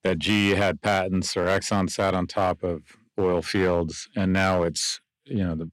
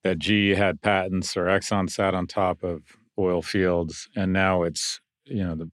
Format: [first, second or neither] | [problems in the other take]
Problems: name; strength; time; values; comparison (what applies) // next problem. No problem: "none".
second | distortion; slight; 4% of the sound clipped